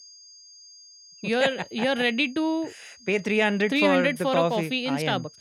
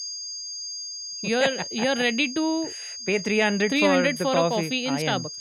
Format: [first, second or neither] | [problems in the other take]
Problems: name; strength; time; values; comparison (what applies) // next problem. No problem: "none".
first | high-pitched whine; loud; throughout; 5 kHz, 10 dB below the speech; faint in the first